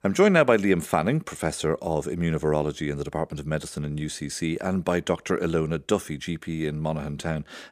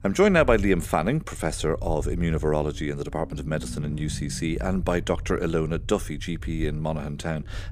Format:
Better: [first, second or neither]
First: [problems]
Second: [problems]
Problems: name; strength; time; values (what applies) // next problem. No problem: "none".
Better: first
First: none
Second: low rumble; faint; throughout; 25 dB below the speech